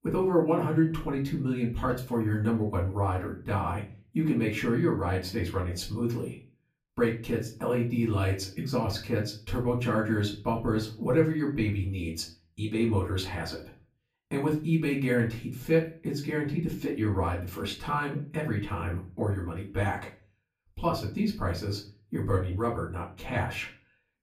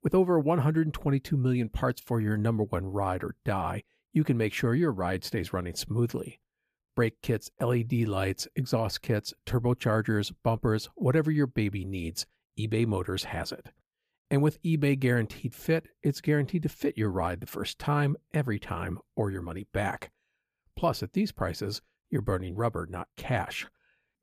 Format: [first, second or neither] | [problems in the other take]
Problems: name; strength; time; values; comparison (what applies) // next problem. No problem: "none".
second | room echo; slight; dies away in 0.3 s // off-mic speech; far